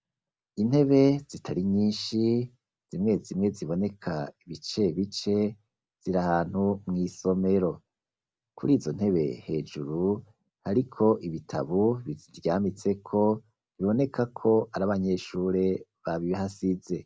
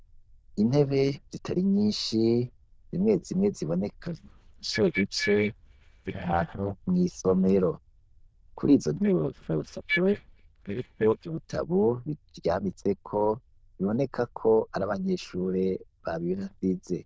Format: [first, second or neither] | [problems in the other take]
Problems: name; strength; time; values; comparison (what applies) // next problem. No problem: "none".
first | noise reduction (neural diffusion model UNIVERSE++)